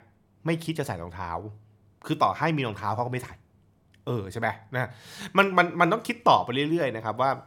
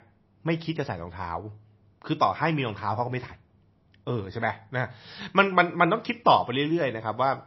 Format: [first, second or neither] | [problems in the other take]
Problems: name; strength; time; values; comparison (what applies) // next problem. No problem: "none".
first | garbled, watery; slightly; nothing above 5.5 kHz